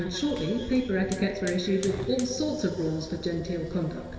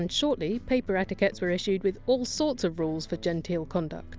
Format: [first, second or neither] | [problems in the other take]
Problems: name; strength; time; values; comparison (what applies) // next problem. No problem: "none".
second | background sound (Hiss / Fire); 16 dB below the speech // room echo; dies away in 2.5 s